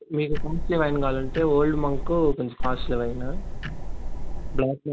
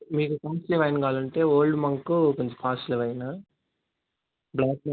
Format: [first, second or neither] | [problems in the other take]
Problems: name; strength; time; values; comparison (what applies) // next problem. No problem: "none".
second | background sound (Tick-tock); as loud as the speech